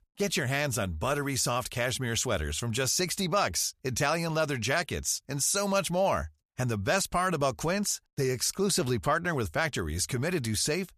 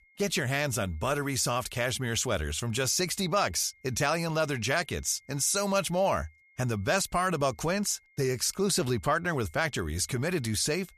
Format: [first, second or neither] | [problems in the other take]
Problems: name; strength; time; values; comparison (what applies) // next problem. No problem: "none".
first | high-pitched whine; faint; throughout; 2 kHz, 30 dB below the speech